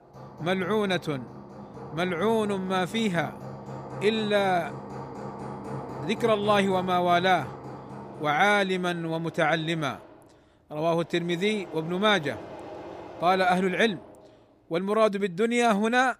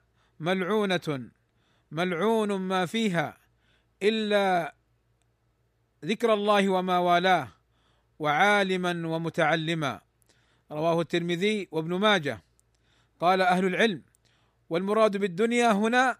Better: second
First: machinery noise; noticeable; throughout; 15 dB below the speech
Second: none

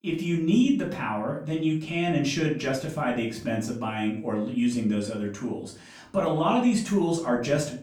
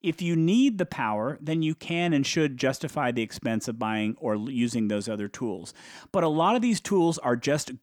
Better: second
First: room echo; slight; dies away in 0.4 s // off-mic speech; far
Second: none

